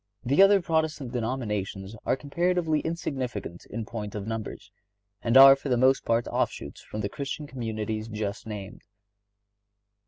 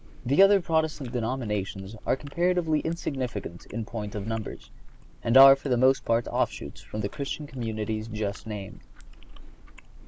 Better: first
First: none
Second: background sound (Chewing, mastication); 13 dB below the speech

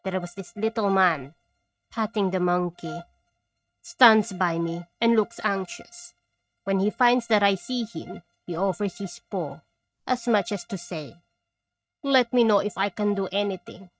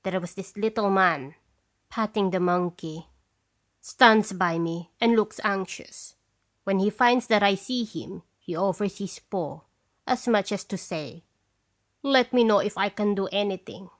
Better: second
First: noise reduction (neural mask model RNNoise)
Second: none

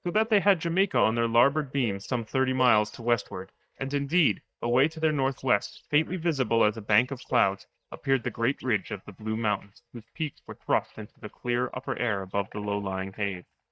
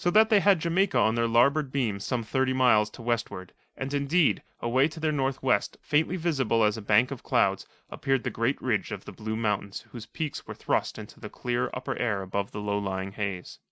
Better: second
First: noise reduction (neural mask model DeepFilterNet 3)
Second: none

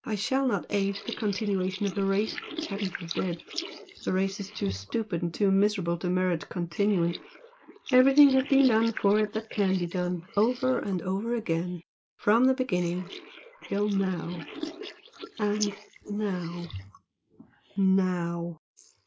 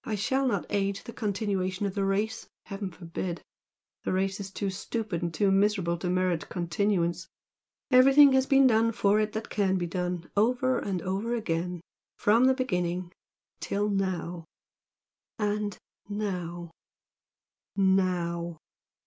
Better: second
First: noise reduction (neural mask model Resemble Enhance denoiser)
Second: none

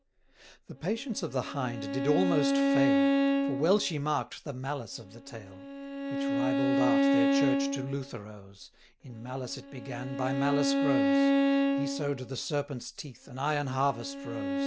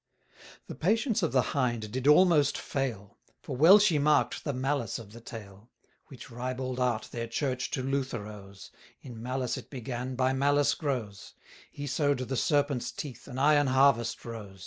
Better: second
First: background sound (Bowed string instrument); 4 dB above the speech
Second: none

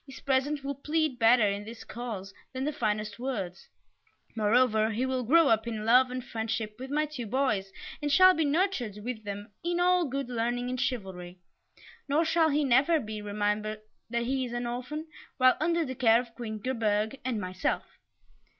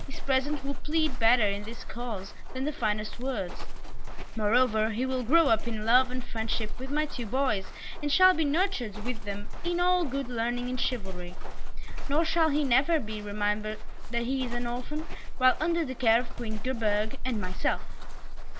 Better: first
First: none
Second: background sound (Walk, footsteps); 2 dB above the speech

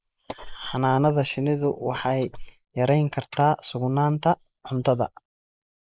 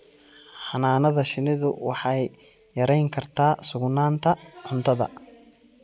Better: second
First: noise reduction (neural mask model Resemble Enhance denoiser)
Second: none

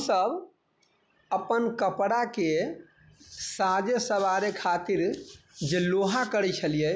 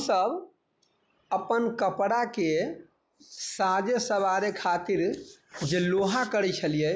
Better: first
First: none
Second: noise reduction (neural mask model Resemble Enhance denoiser)

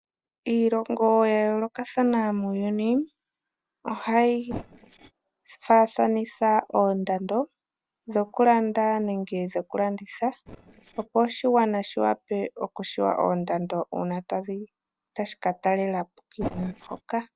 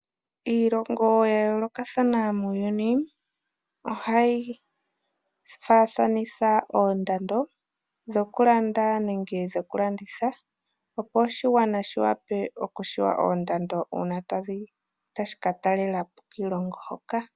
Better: second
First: noise reduction (neural separator model SepFormer DNS4)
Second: none

